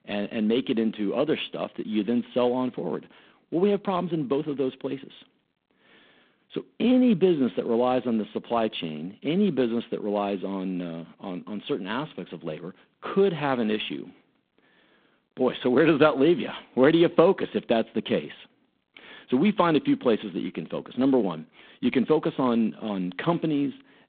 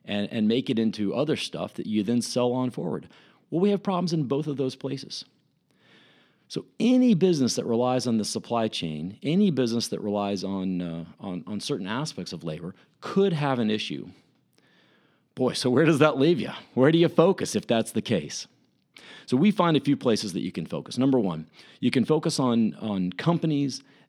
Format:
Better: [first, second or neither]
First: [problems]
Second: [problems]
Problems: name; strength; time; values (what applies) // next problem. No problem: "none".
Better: second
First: phone-call audio; poor line; nothing above 3.5 kHz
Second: none